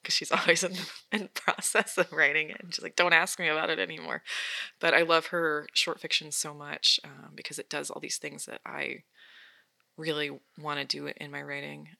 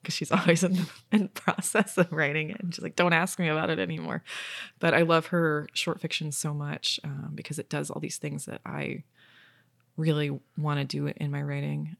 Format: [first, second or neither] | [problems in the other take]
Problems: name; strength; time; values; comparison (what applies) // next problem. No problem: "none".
second | thin; somewhat; fading below 400 Hz